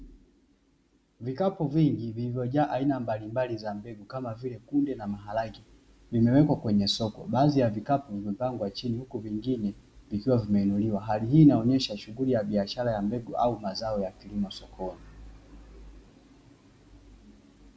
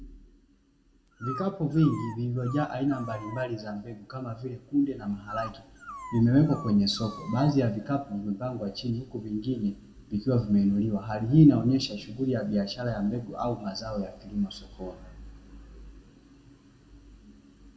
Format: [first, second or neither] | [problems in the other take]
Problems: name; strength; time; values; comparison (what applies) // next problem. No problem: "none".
first | background sound (Dog); 14 dB below the speech // room echo; dies away in 1.3 s